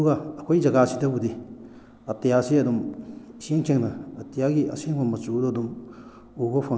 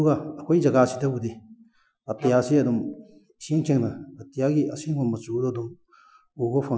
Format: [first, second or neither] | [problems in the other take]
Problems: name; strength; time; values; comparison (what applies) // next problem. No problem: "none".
first | noise reduction (classical method Wiener filter)